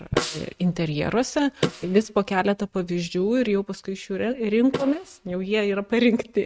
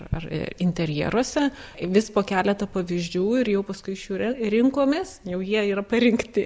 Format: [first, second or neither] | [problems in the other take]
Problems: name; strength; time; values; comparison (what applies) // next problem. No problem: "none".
second | noise reduction (neural mask model RNNoise)